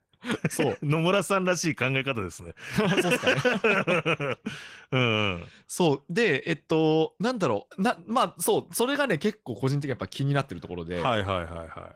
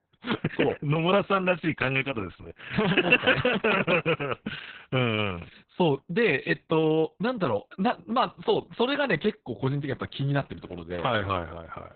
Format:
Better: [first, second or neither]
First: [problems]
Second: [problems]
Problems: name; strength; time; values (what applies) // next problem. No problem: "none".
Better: first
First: garbled, watery; slightly; nothing above 16 kHz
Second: garbled, watery; badly; nothing above 4 kHz